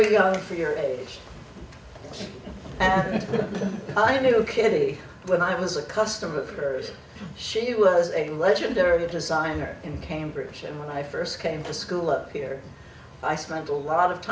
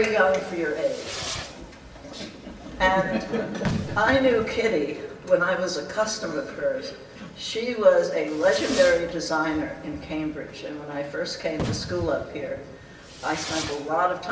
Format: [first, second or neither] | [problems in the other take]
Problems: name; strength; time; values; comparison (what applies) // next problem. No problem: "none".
first | background sound (Fireworks); 13 dB below the speech // room echo; dies away in 1.7 s